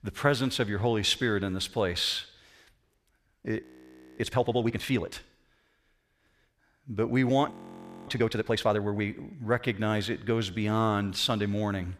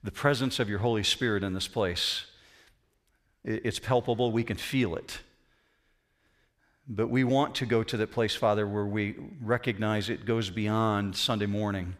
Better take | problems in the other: second | audio freezing; at 3.5 s for 0.5 s and at 7.5 s for 0.5 s

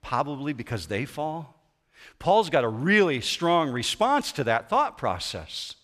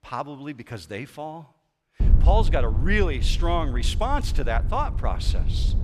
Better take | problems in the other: first | wind noise on the microphone; occasional gusts; from 2 s on; 15 dB below the speech

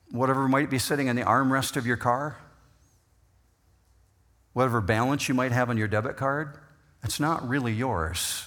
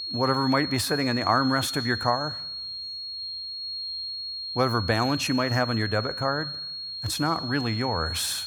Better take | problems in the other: first | high-pitched whine; loud; throughout; 4.5 kHz, 5 dB below the speech

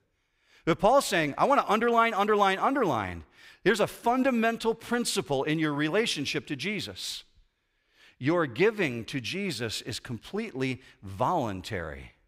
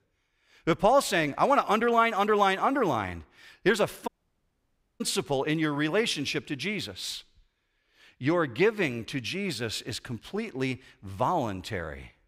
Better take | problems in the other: first | audio cutting out; at 4 s for 1 s

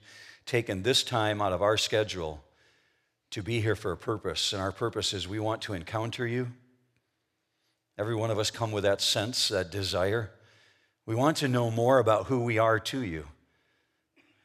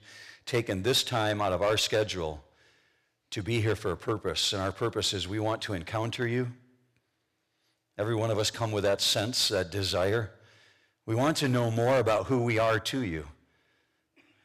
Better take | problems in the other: first | distortion; slight; 4% of the sound clipped

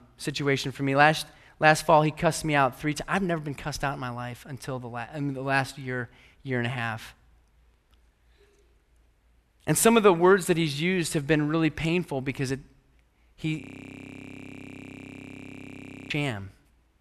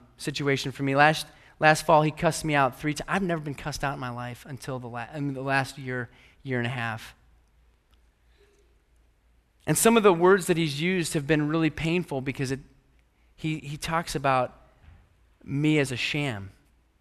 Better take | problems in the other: second | audio freezing; at 14 s for 2.5 s

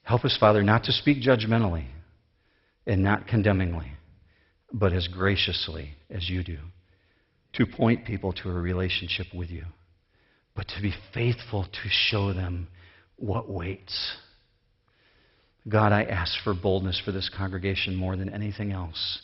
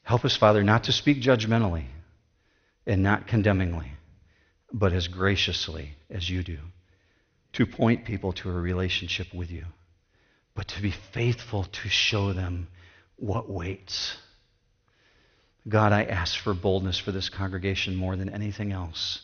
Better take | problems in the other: second | garbled, watery; badly; nothing above 5.5 kHz; slightly in the second

